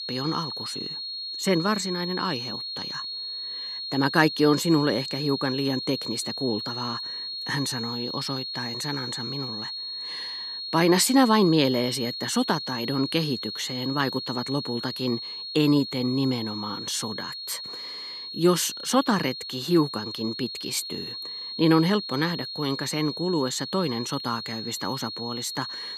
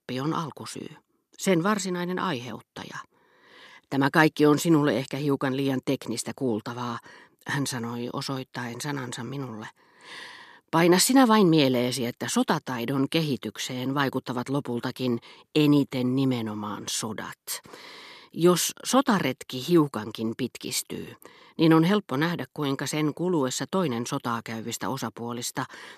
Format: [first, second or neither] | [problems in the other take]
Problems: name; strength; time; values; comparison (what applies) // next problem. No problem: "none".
second | high-pitched whine; loud; throughout; 4.5 kHz, 6 dB below the speech